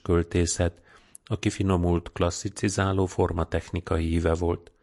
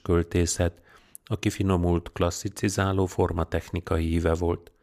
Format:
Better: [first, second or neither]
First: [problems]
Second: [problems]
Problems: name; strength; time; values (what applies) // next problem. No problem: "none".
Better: second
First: garbled, watery; slightly; nothing above 11 kHz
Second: none